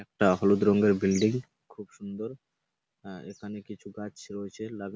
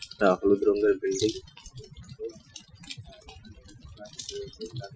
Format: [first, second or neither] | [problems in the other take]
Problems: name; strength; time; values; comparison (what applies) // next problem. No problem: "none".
first | noise reduction (classical method Wiener filter)